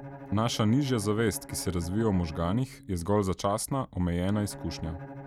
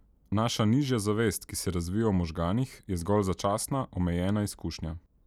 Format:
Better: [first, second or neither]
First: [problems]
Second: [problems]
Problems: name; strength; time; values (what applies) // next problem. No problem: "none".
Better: second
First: background sound (Bowed string instrument); 15 dB below the speech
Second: none